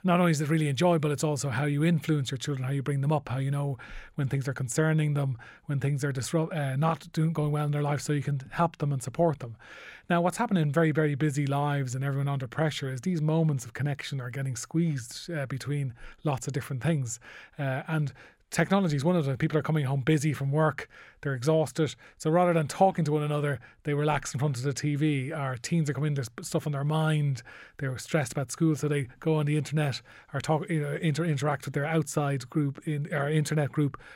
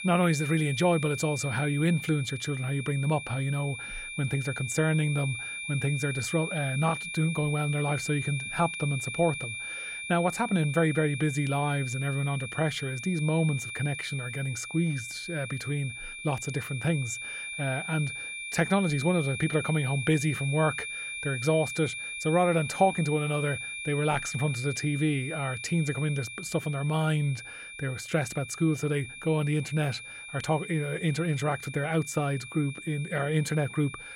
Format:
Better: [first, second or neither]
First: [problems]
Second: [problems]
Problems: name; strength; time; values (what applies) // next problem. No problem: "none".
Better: first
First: none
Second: high-pitched whine; loud; throughout; 2.5 kHz, 7 dB below the speech